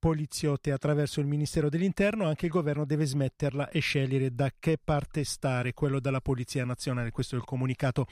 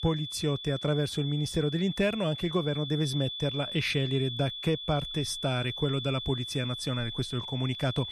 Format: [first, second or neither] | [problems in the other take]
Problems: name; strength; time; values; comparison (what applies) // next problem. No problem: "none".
first | high-pitched whine; loud; throughout; 3.5 kHz, 6 dB below the speech